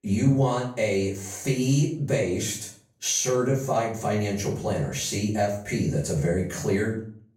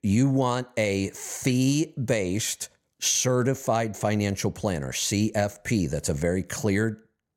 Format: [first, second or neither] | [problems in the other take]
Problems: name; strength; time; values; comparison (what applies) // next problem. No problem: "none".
second | off-mic speech; far // room echo; slight; dies away in 0.4 s